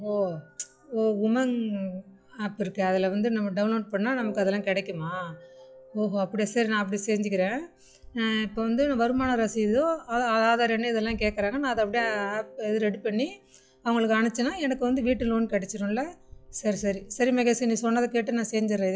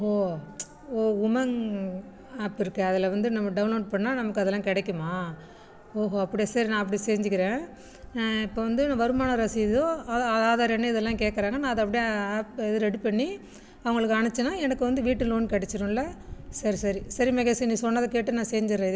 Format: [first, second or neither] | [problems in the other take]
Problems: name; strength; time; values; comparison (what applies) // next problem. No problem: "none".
second | noise reduction (classical method log-MMSE)